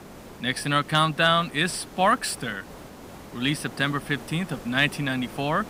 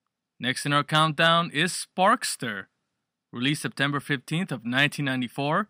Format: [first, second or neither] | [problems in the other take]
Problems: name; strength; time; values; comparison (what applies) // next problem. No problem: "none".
second | hiss; noticeable; throughout; 20 dB below the speech